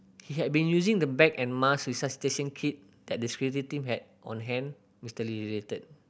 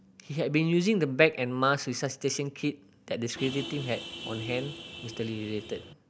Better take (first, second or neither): first